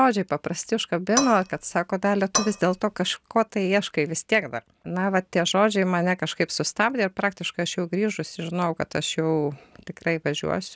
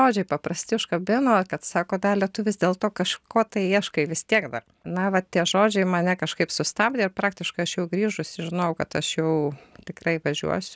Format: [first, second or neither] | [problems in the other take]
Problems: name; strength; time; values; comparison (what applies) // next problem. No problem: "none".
second | background sound (Cutlery, silverware / Dishes, pots, and pans); 5 dB below the speech